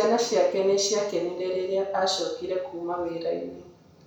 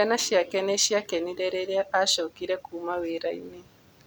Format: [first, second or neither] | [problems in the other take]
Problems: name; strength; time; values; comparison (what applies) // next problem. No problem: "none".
second | room echo; dies away in 0.6 s